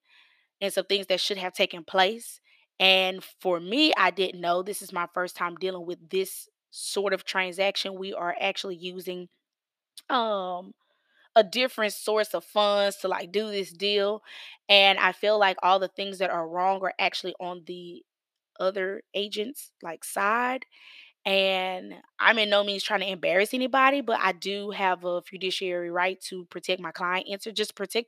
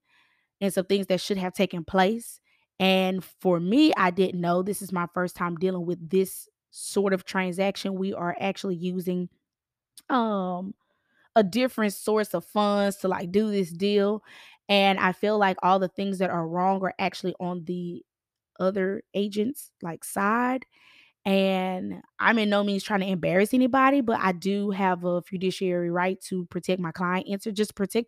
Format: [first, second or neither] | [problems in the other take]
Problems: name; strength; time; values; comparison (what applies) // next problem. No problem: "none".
second | thin; somewhat; fading below 350 Hz